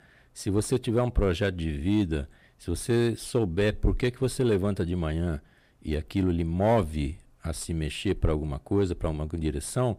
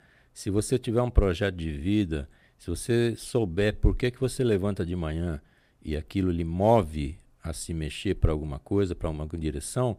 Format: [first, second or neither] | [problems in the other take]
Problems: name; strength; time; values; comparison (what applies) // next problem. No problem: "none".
second | distortion; slight; 10 dB below the speech